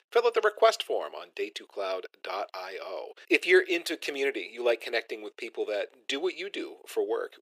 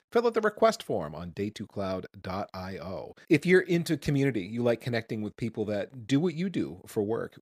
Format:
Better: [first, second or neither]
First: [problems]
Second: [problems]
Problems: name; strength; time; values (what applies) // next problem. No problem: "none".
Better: second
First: thin; very; fading below 350 Hz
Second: none